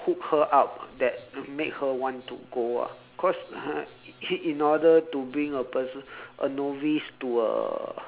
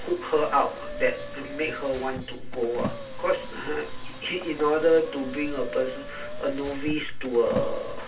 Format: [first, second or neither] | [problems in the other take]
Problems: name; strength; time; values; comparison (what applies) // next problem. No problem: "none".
first | background sound (Car); 12 dB below the speech // room echo; dies away in 0.2 s